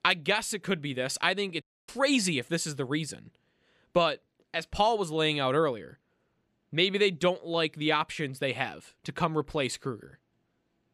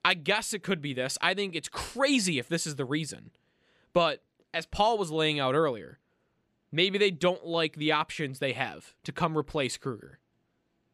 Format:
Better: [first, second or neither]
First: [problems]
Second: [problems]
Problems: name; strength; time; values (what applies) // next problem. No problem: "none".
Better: second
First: audio cutting out; at 1.5 s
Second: none